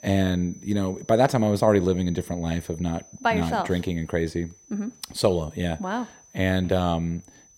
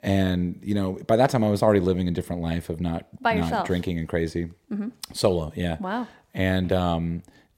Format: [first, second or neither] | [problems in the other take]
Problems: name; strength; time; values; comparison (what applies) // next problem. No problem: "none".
second | high-pitched whine; faint; throughout; 6 kHz, 25 dB below the speech